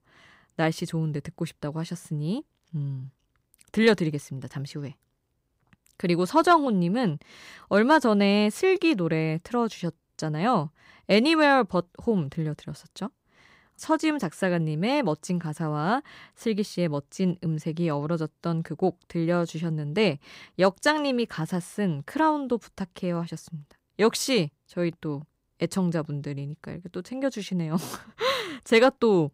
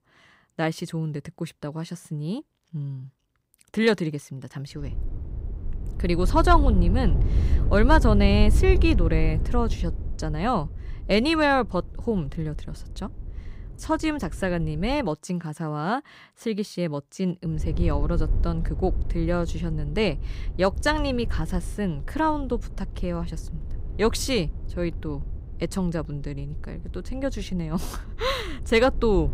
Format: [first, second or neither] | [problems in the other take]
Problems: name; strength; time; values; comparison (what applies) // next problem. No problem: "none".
first | wind noise on the microphone; occasional gusts; from 5 to 15 s and from 18 s on; 20 dB below the speech